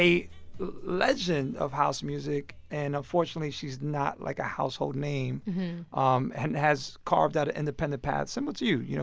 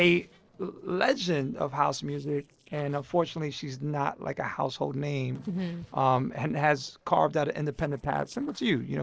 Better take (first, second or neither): first